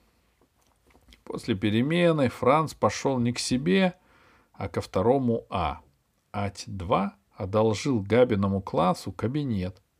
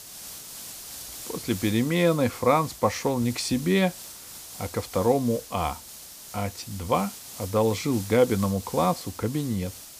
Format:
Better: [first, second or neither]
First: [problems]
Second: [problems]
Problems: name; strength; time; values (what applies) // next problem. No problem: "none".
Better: first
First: none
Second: hiss; noticeable; throughout; 15 dB below the speech